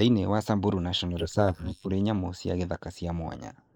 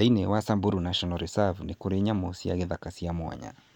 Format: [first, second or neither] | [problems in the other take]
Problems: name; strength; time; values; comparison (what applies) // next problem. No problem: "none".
second | noise reduction (neural mask model Resemble Enhance denoiser)